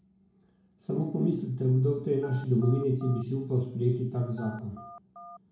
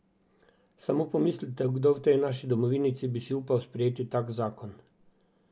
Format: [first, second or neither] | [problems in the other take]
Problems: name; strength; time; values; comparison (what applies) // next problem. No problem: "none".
second | background sound (Telephone); 18 dB below the speech // room echo; dies away in 0.5 s